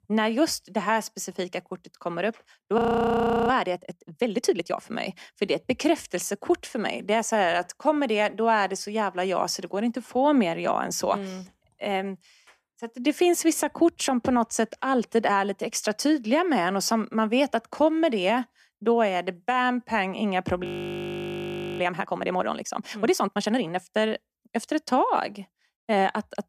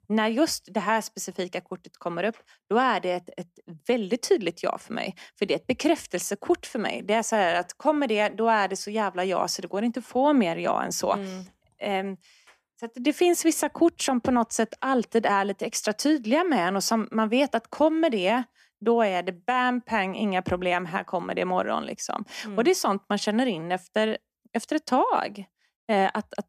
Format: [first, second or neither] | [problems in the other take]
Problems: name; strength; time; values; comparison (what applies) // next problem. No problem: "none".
second | audio freezing; at 3 s for 0.5 s and at 21 s for 1 s